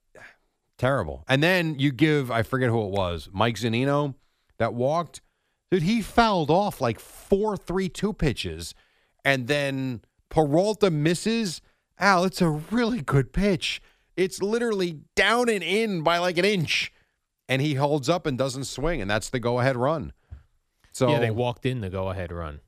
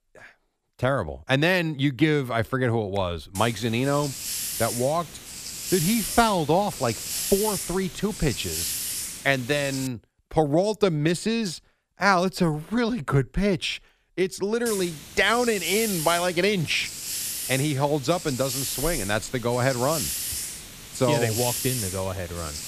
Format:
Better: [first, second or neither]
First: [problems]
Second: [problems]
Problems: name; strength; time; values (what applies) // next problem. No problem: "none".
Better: first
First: none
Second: hiss; loud; from 3.5 to 10 s and from 15 s on; 5 dB below the speech